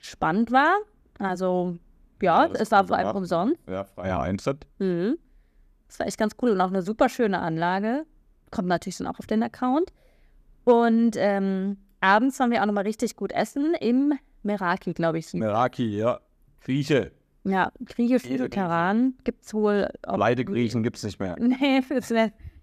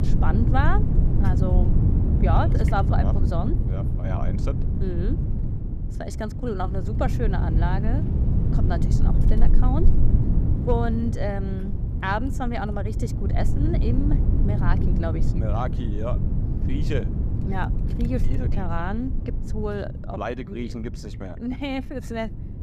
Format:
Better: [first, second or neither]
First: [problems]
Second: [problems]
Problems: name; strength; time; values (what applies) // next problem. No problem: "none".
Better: first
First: none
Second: wind noise on the microphone; heavy; 5 dB below the speech